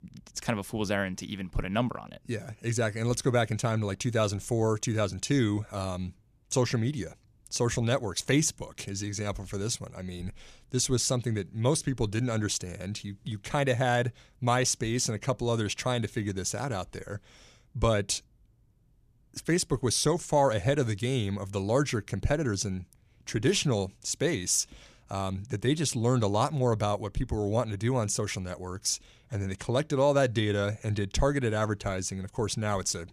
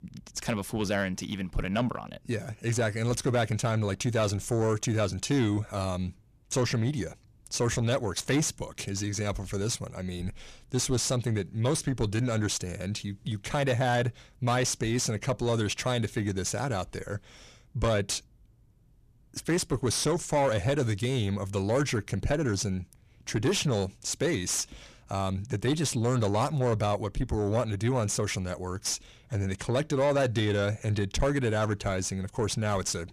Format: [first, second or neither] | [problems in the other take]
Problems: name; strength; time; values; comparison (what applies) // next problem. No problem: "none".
first | distortion; slight; 10 dB below the speech